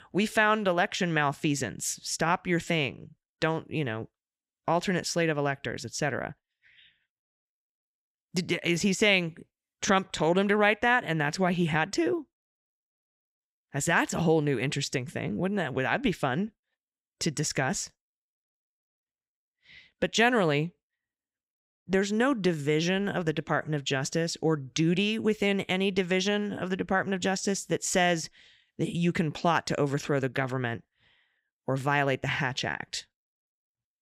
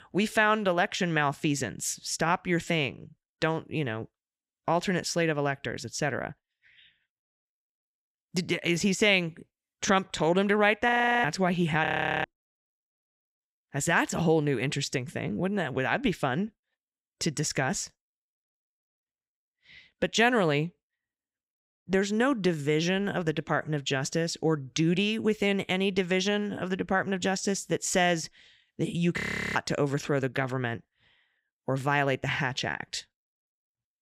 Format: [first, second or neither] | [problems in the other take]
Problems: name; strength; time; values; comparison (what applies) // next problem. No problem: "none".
first | audio freezing; at 11 s, at 12 s and at 29 s